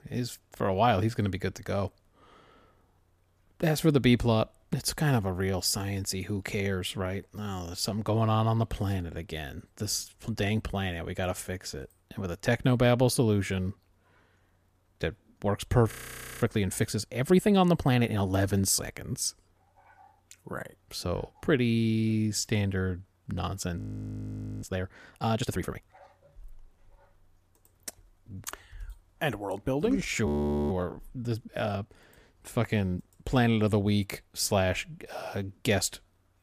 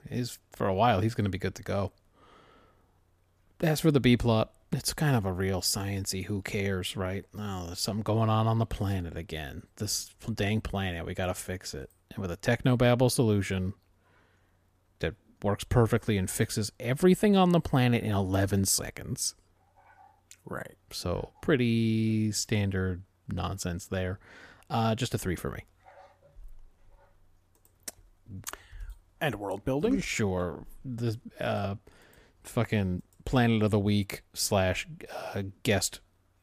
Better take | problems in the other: second | audio freezing; at 16 s for 0.5 s, at 24 s for 1 s and at 30 s

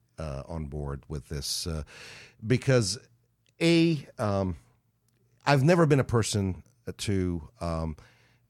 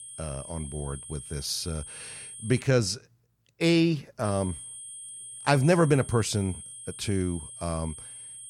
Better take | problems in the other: first | high-pitched whine; noticeable; until 2.5 s and from 4 s on; 8.5 kHz, 10 dB below the speech

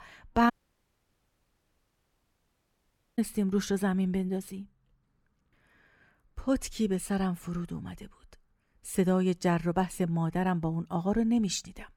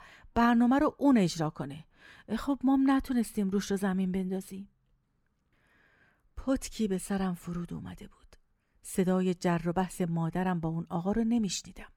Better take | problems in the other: second | audio cutting out; at 0.5 s for 2.5 s

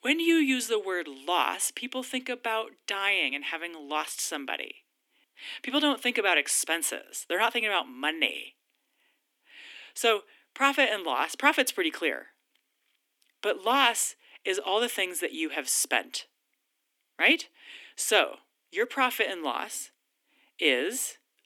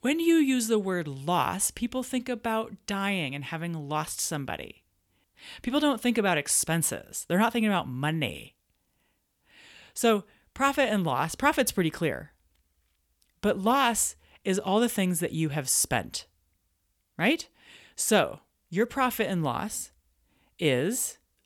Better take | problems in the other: second | thin; somewhat; fading below 250 Hz

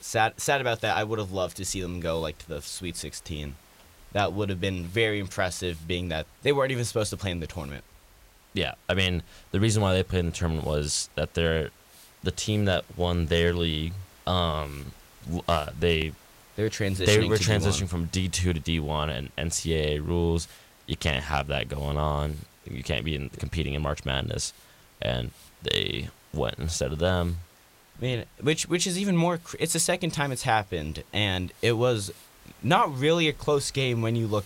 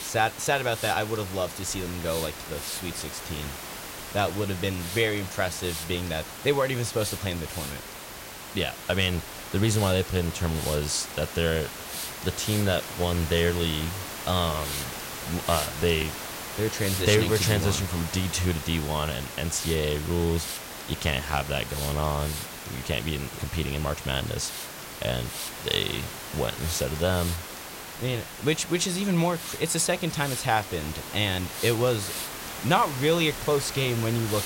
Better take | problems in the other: first | hiss; loud; throughout; 7 dB below the speech; faint in the first

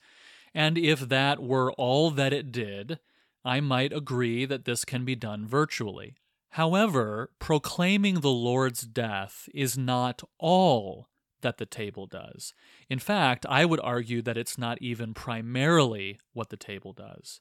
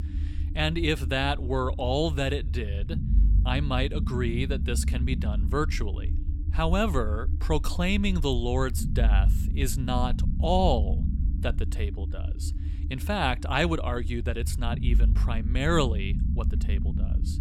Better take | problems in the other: first | low rumble; noticeable; throughout; 15 dB below the speech

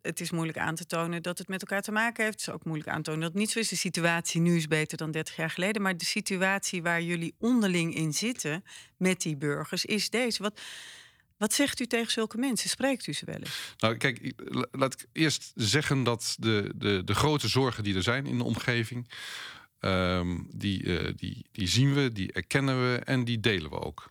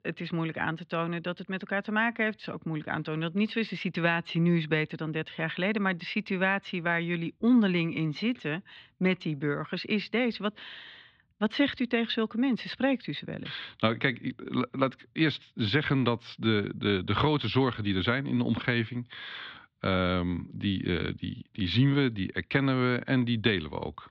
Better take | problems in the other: first | muffled; slightly; fading above 3.5 kHz

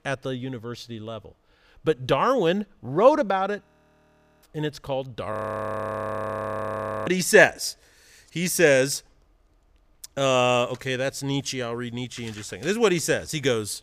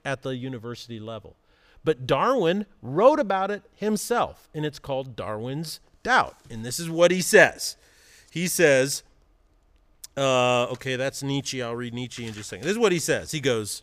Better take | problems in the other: second | audio freezing; at 3.5 s for 1 s and at 5.5 s for 1.5 s

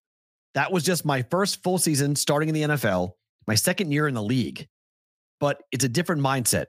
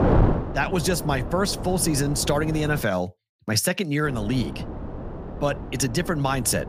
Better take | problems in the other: first | wind noise on the microphone; heavy; until 3 s and from 4 s on; 9 dB below the speech

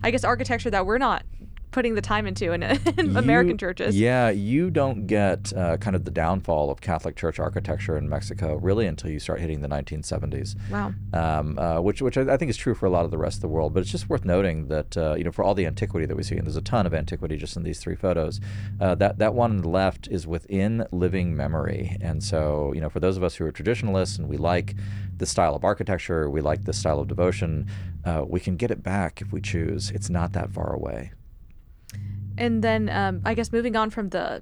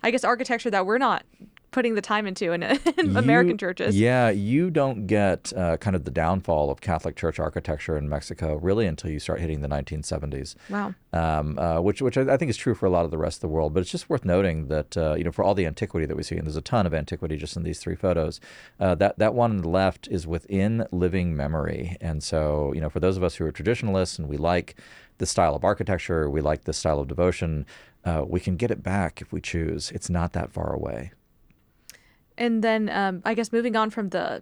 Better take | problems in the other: second | low rumble; faint; throughout; 20 dB below the speech

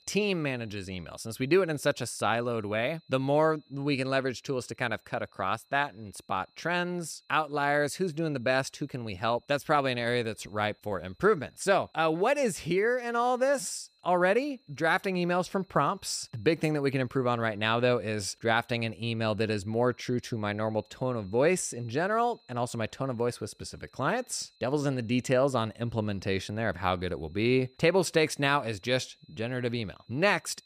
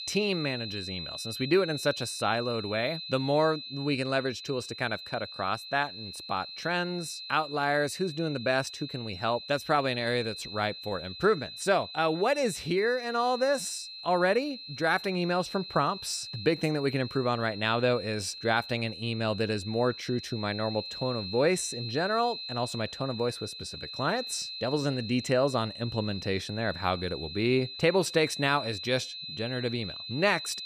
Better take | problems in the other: first | high-pitched whine; loud; throughout; 4 kHz, 9 dB below the speech; faint in the first

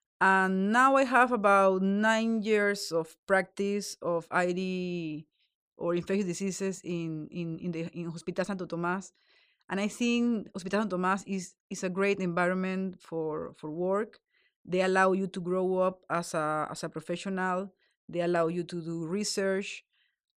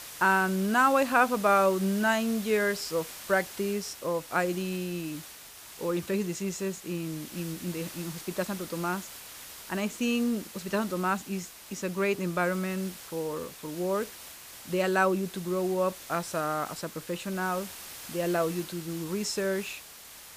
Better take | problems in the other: first | hiss; noticeable; throughout; 15 dB below the speech

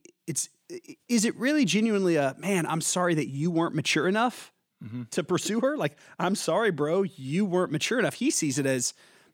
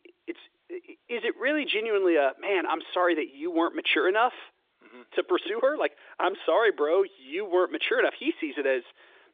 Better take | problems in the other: first | phone-call audio

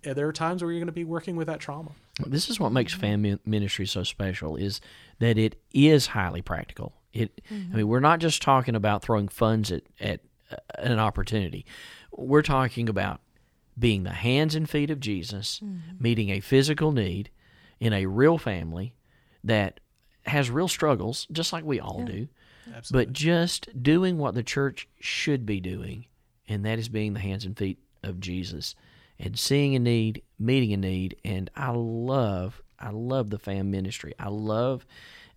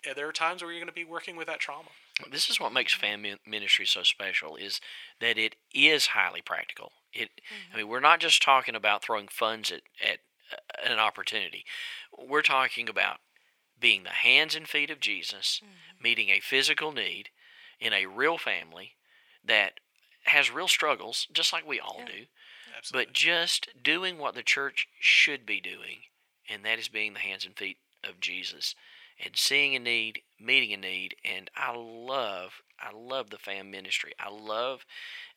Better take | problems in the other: first | thin; very; fading below 700 Hz

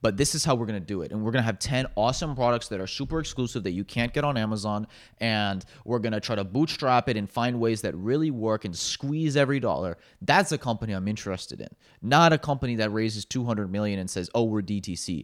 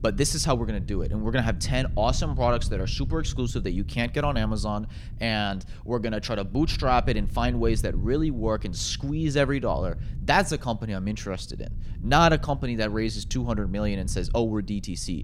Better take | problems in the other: first | low rumble; faint; throughout; 20 dB below the speech

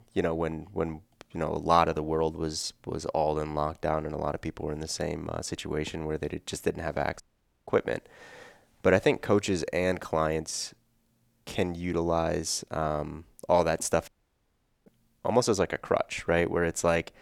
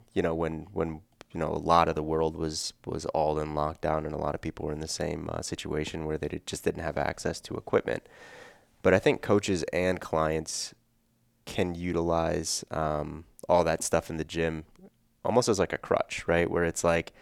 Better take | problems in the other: second | audio cutting out; at 7 s and at 14 s for 1 s

